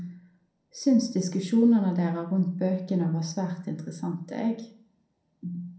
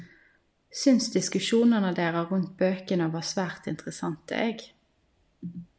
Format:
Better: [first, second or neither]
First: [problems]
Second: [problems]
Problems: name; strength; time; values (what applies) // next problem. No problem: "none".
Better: second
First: room echo; dies away in 0.6 s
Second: none